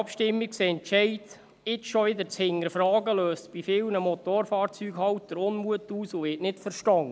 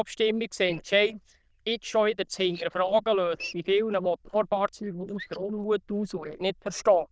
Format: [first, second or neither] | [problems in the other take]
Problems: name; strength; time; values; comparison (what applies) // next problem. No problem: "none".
first | noise reduction (neural diffusion model UNIVERSE++)